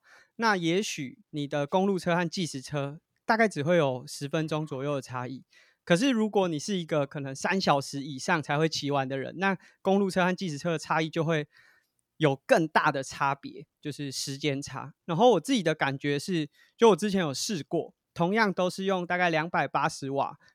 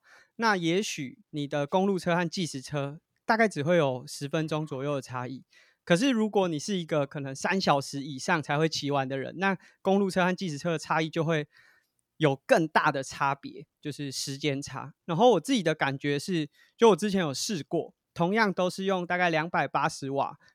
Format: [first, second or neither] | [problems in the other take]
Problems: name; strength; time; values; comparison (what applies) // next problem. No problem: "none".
neither | none